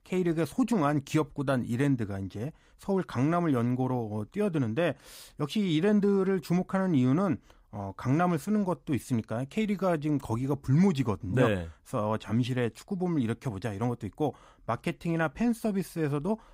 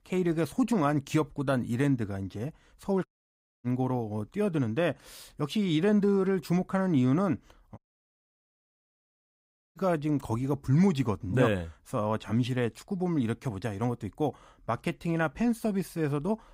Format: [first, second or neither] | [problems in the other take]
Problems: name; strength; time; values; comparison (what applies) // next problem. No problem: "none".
first | audio cutting out; at 3 s for 0.5 s and at 8 s for 2 s